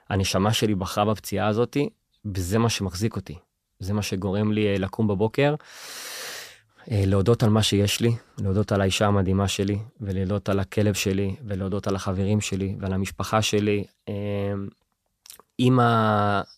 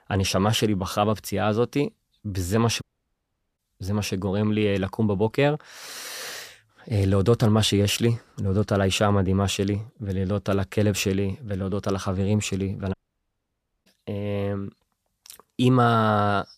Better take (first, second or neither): first